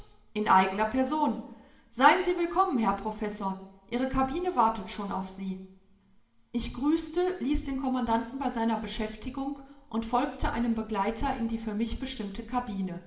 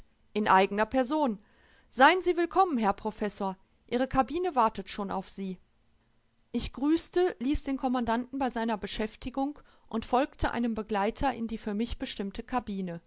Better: second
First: room echo; dies away in 0.8 s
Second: none

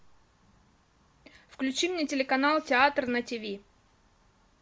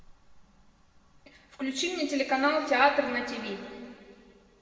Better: first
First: none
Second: room echo; dies away in 2.1 s

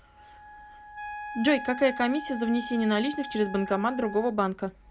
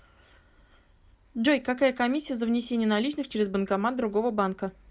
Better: second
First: background sound (Wind instrument, woodwind instrument); 12 dB below the speech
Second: none

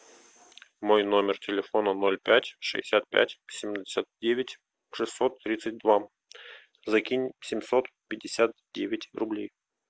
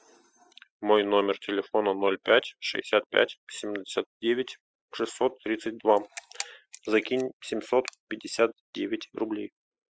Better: first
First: none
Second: noise reduction (classical method spectral subtraction)

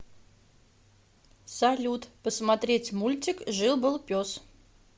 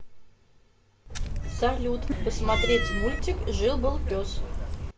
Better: first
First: none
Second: background sound (Cat); 3 dB above the speech // room echo; dies away in 0.2 s

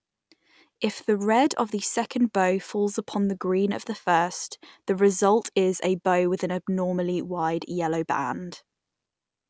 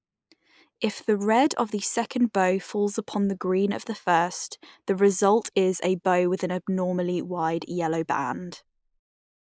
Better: first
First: none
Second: noise reduction (neural mask model Resemble Enhance denoiser)

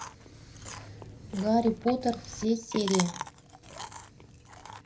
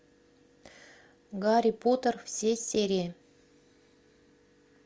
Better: second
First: background sound (Chewing, mastication); 10 dB below the speech // room echo; dies away in 0.4 s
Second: none

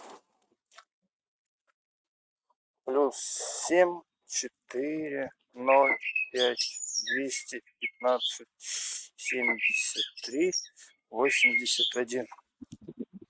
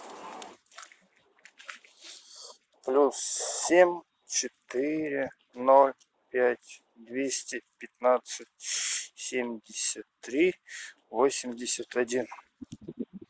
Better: second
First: noise reduction (neural mask model RNNoise)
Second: none

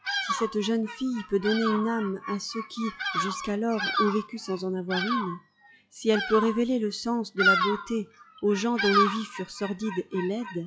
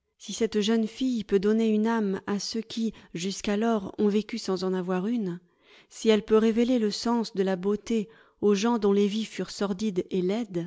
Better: second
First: noise reduction (classical method log-MMSE)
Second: none

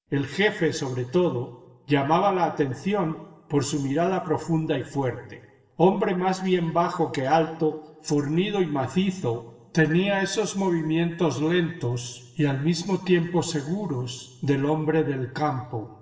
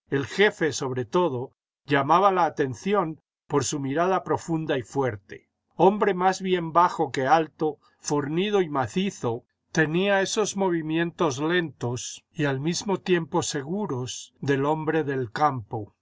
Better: second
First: room echo; dies away in 1.1 s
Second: none

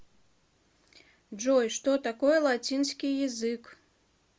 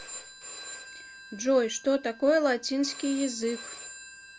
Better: first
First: none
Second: background sound (Telephone); 14 dB below the speech

